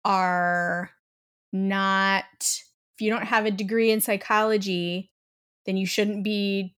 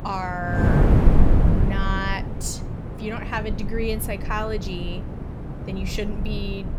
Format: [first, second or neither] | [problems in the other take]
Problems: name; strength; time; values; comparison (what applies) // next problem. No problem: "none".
first | wind noise on the microphone; heavy; 3 dB below the speech